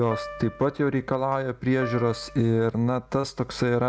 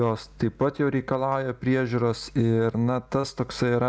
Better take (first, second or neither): second